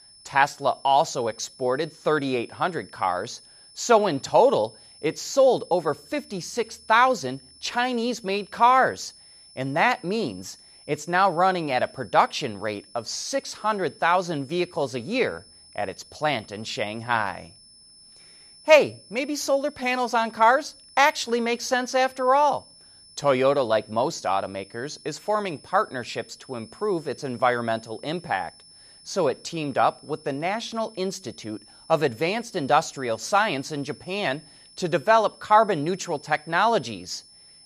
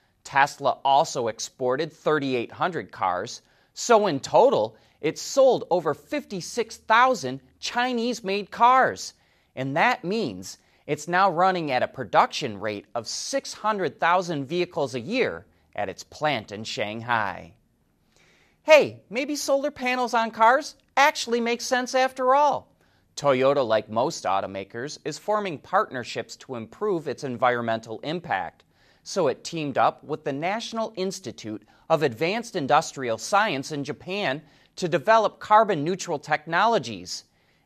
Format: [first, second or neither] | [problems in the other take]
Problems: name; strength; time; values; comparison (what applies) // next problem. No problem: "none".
second | high-pitched whine; faint; throughout; 5.5 kHz, 25 dB below the speech